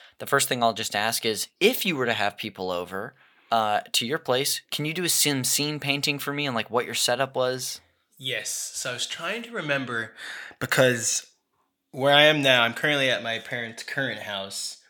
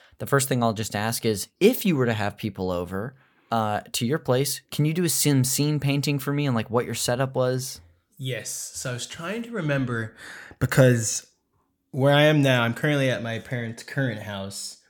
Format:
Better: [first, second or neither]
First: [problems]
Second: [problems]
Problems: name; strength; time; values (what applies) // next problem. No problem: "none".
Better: second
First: thin; somewhat; fading below 900 Hz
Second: none